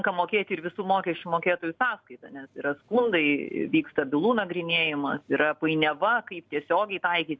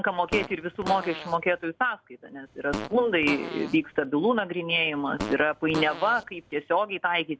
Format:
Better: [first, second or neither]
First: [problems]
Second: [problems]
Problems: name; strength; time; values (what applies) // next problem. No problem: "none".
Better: first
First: none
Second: background sound (Fart); 11 dB below the speech